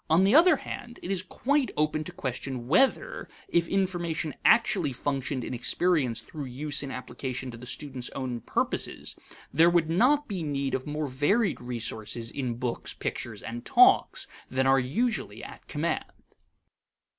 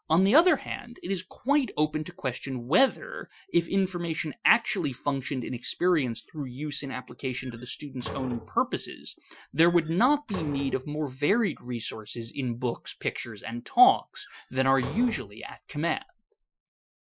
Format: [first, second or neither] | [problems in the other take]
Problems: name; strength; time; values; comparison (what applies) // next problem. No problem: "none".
first | noise reduction (classical method Wiener filter)